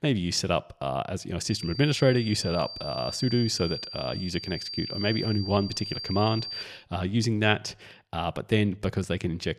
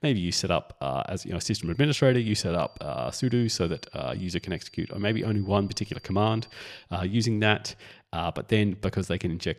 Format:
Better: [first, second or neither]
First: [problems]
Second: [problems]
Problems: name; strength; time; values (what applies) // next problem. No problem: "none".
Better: second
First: high-pitched whine; loud; from 1.5 to 6.5 s; 4.5 kHz, 8 dB below the speech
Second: high-pitched whine; faint; from 1.5 to 6.5 s; 4.5 kHz, 25 dB below the speech